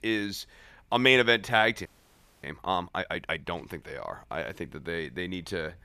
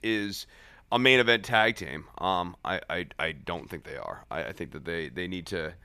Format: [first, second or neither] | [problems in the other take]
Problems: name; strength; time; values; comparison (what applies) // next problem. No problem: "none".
second | audio freezing; at 2 s for 0.5 s